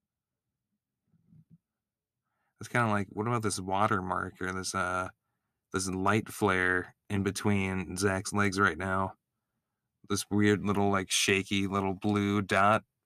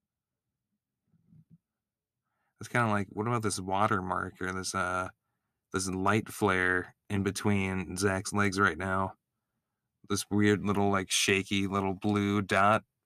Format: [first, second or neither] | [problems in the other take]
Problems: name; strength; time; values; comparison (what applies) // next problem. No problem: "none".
neither | none